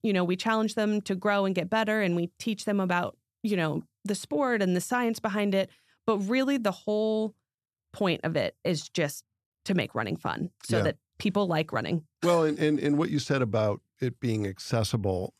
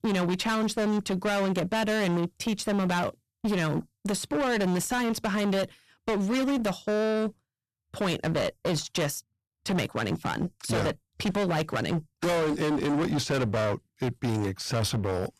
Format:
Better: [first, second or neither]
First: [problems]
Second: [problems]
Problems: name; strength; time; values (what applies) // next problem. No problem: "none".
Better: first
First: none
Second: distortion; heavy; 30% of the sound clipped